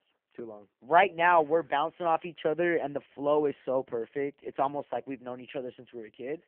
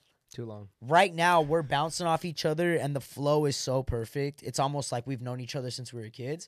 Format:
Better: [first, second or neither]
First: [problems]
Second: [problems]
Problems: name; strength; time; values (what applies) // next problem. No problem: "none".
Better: second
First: phone-call audio; poor line; nothing above 3 kHz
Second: none